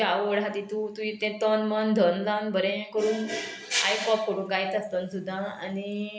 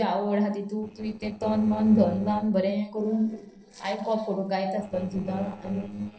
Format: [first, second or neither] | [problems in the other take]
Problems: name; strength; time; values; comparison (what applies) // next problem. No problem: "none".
first | noise reduction (neural separator model SepFormer DNS4)